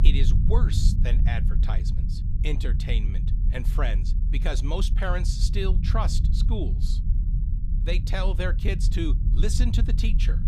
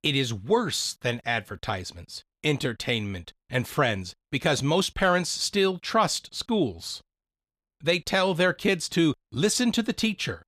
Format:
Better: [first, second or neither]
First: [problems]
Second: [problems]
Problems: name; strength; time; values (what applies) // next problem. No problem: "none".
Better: second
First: low rumble; loud; throughout; 8 dB below the speech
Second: none